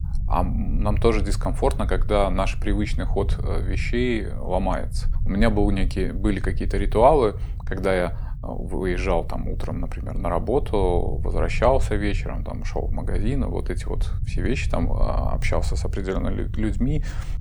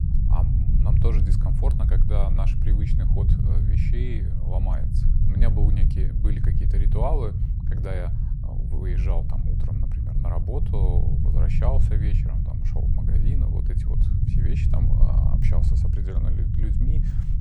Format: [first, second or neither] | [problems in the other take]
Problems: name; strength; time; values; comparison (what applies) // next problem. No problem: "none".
first | low rumble; loud; throughout; as loud as the speech; faint in the first